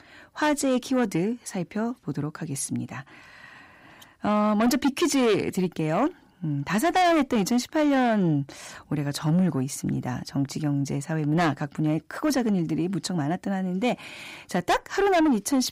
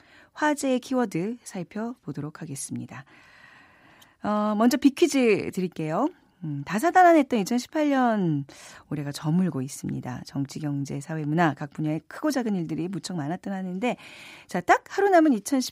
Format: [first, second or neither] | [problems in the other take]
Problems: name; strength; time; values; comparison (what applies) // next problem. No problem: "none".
second | distortion; heavy; 7 dB below the speech